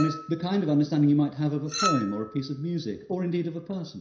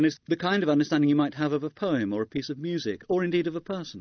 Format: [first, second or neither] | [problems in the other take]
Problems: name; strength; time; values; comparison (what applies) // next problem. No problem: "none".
second | background sound (Chink, clink); 10 dB below the speech // room echo; dies away in 0.5 s